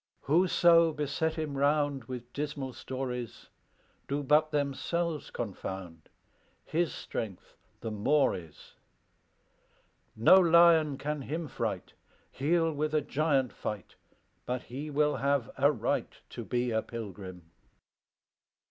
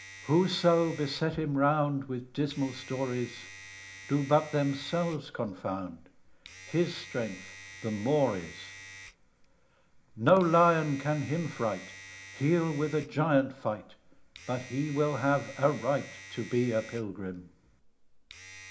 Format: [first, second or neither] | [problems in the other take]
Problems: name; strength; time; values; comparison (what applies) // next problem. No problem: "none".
first | background sound (Domestic sounds, home sounds); 18 dB below the speech // room echo; dies away in 0.4 s